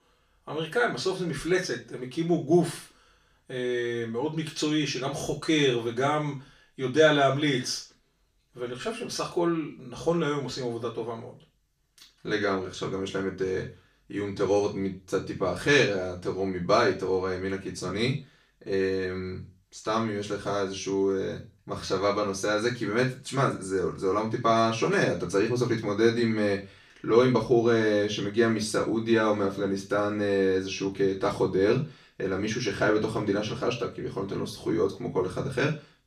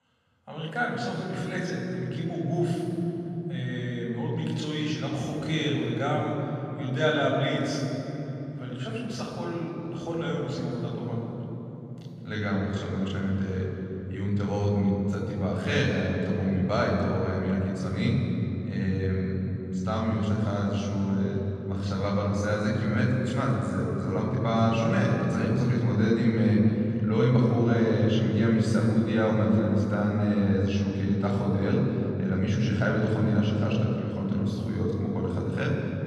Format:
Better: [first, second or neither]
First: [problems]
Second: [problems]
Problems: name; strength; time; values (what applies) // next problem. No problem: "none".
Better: first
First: room echo; slight; dies away in 0.3 s // off-mic speech; far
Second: room echo; strong; dies away in 3 s // off-mic speech; far